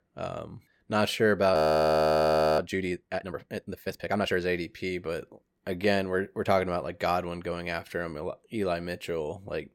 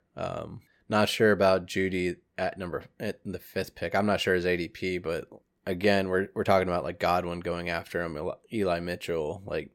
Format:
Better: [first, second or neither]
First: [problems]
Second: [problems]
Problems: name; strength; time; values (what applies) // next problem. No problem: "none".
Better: second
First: audio freezing; at 1.5 s for 1 s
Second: none